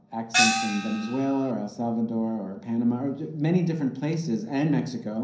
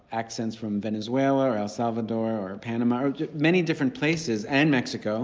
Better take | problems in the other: second | background sound (Gong); as loud as the speech // room echo; dies away in 0.6 s

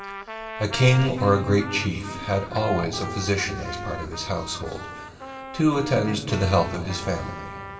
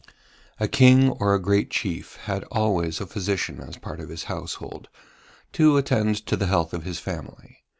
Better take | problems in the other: second | background sound (Trumpet); 12 dB below the speech // room echo; dies away in 2.5 s

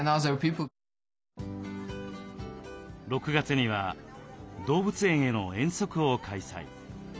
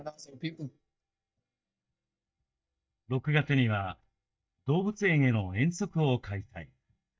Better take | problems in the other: first | noise reduction (neural mask model DeepFilterNet 3)

